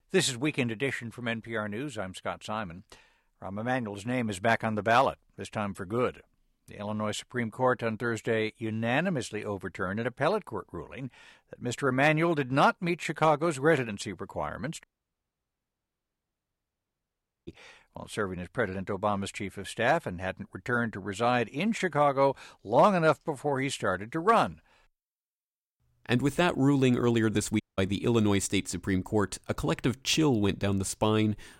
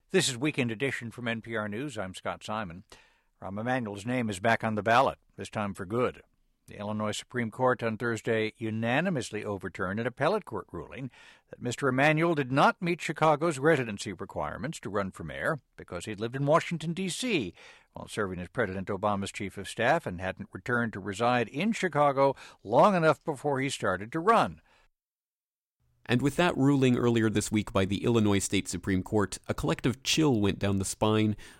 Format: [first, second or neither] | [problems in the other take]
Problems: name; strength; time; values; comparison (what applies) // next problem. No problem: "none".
second | audio cutting out; at 15 s for 2.5 s and at 28 s